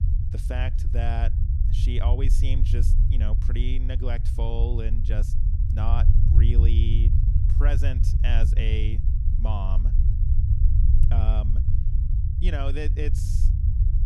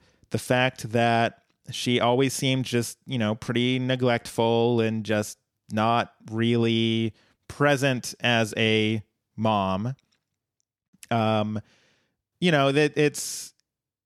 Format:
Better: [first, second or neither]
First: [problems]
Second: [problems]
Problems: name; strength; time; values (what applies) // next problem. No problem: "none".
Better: second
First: low rumble; loud; throughout; 4 dB below the speech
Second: none